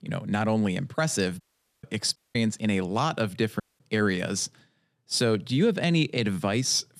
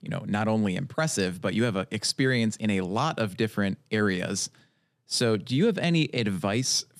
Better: second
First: audio cutting out; at 1.5 s, at 2 s and at 3.5 s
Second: none

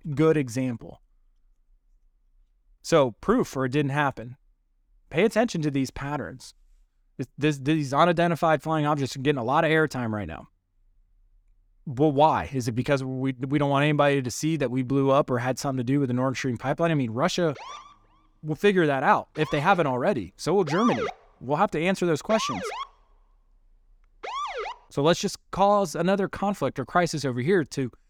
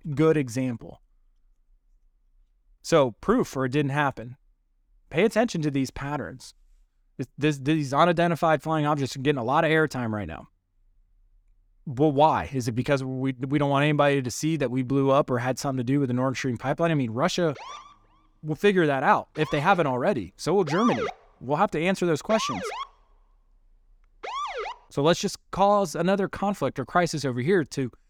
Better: neither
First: siren; noticeable; from 18 to 25 s; peak 4 dB below the speech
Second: siren; noticeable; from 18 to 25 s; peak 4 dB below the speech

